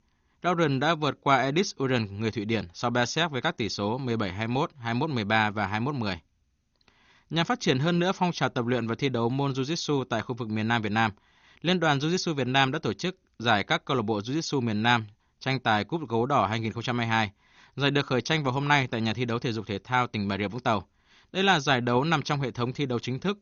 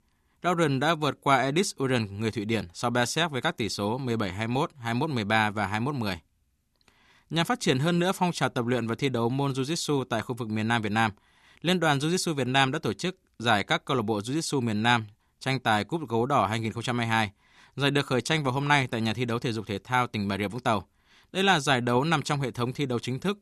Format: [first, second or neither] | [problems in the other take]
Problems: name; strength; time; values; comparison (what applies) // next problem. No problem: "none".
second | garbled, watery; slightly; nothing above 6.5 kHz